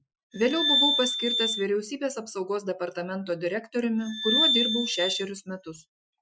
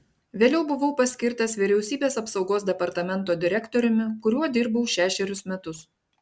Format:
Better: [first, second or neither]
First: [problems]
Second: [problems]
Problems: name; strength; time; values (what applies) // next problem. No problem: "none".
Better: second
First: noise reduction (classical method Wiener filter)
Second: none